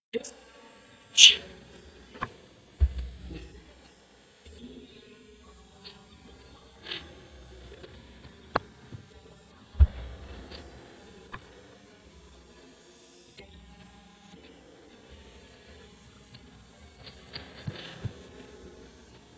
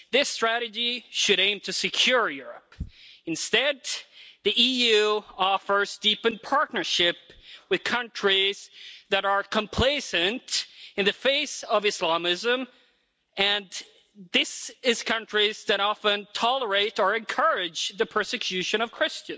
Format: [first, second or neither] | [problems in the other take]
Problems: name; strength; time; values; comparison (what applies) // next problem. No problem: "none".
second | noise reduction (neural mask model DeepFilterNet 3)